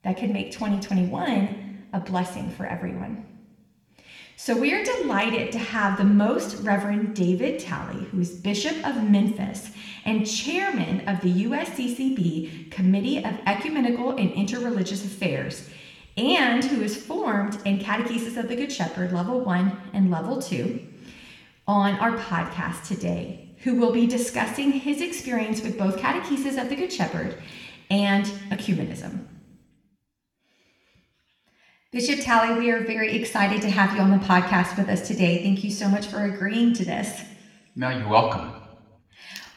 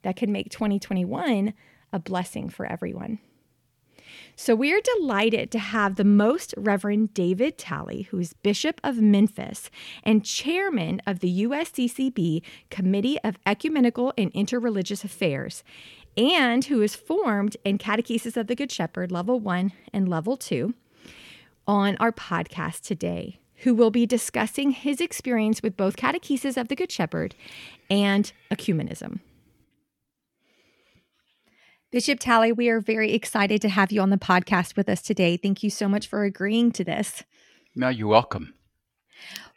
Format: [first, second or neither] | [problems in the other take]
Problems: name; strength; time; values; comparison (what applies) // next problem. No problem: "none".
second | room echo; slight; dies away in 0.9 s